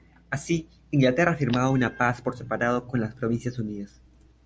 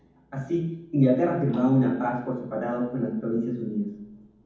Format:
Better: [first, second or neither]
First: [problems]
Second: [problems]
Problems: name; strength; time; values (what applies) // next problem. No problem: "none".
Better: first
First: none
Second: room echo; dies away in 1.2 s